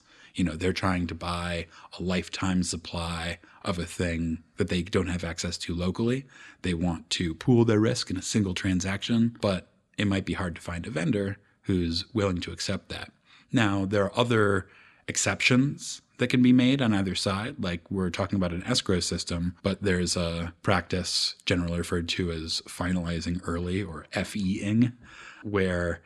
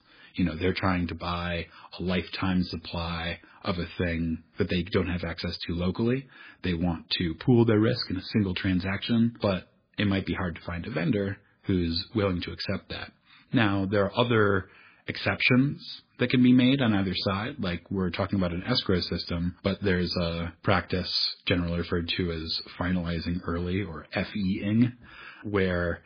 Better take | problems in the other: first | garbled, watery; badly

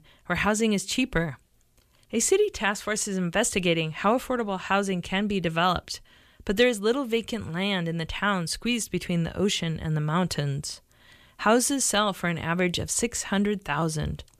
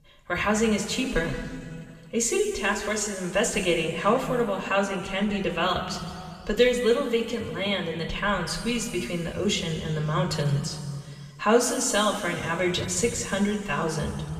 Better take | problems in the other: first | room echo; noticeable; dies away in 2 s // off-mic speech; somewhat distant

